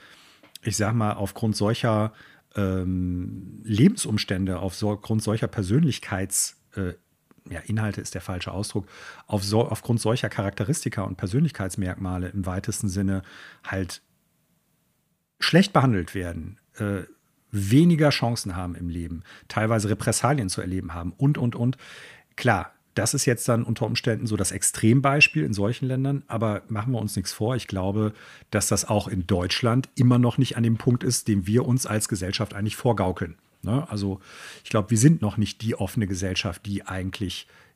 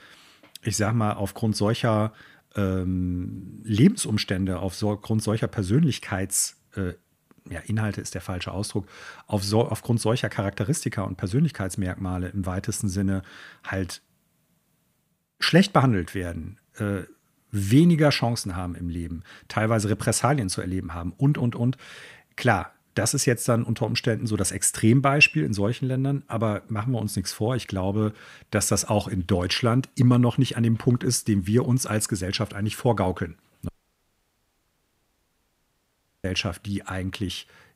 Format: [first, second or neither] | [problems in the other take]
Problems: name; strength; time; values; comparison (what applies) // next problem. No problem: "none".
first | audio cutting out; at 34 s for 2.5 s